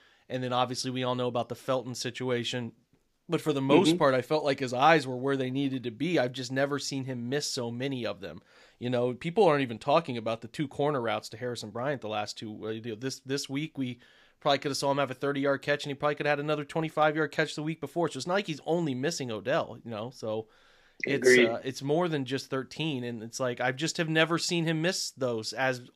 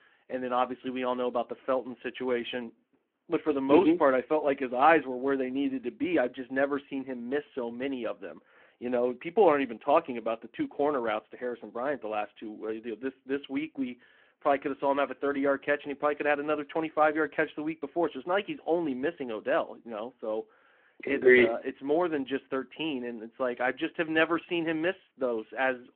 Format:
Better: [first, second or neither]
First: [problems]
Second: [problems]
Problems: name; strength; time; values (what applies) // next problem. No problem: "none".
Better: first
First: none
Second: phone-call audio